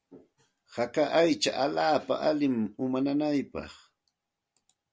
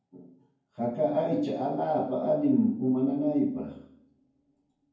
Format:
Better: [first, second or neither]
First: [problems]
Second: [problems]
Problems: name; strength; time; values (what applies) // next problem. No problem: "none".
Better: first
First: none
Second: room echo; dies away in 0.9 s